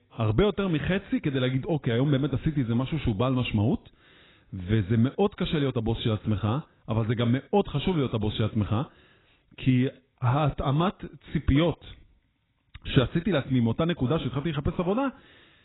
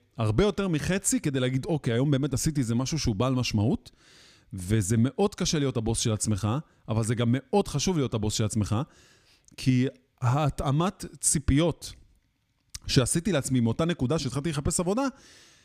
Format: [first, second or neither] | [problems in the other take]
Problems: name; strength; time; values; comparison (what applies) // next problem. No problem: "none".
second | garbled, watery; badly; nothing above 4 kHz